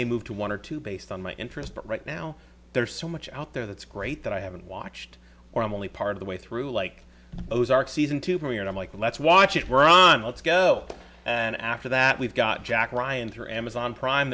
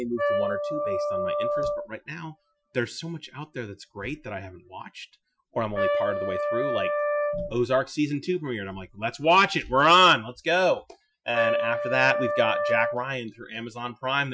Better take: first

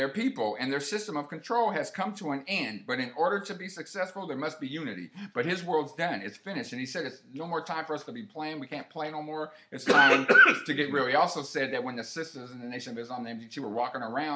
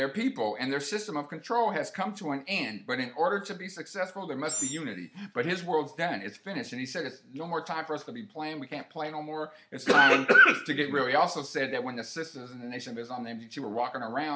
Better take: first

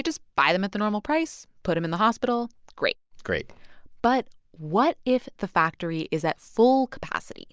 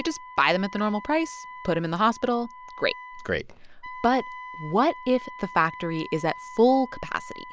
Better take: first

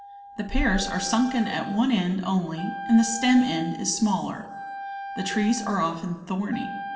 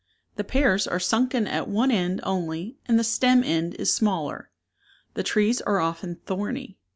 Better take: second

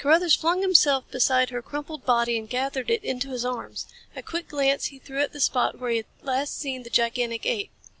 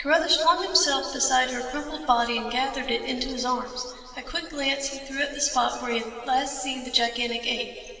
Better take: first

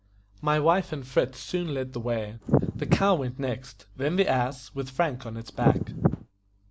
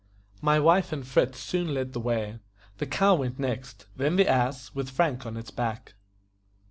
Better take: second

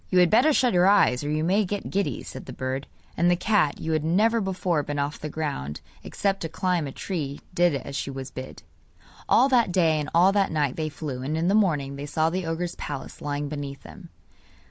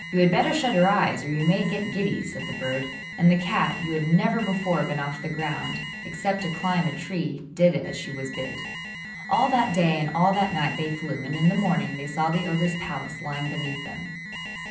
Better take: first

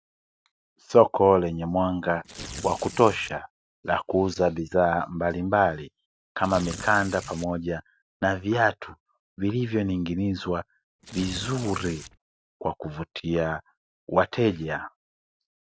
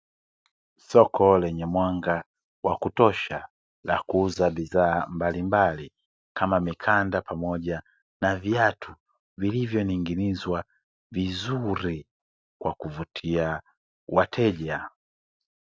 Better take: second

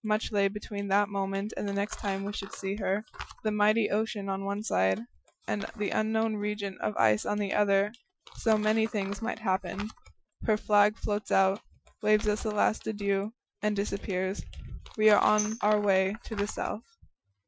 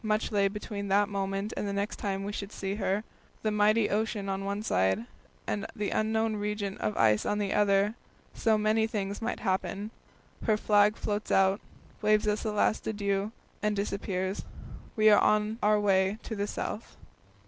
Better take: second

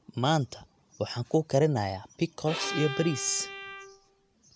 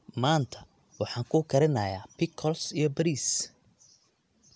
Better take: second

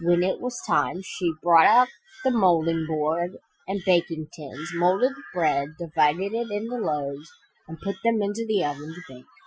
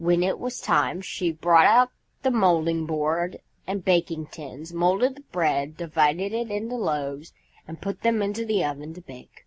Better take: second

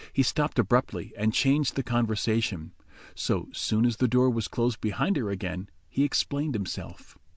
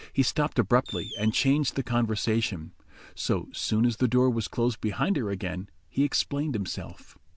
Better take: first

